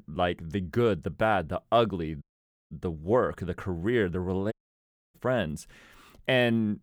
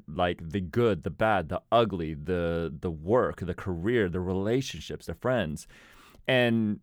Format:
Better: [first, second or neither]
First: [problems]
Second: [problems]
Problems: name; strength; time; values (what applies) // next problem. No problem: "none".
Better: second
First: audio cutting out; at 2 s and at 4.5 s for 0.5 s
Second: none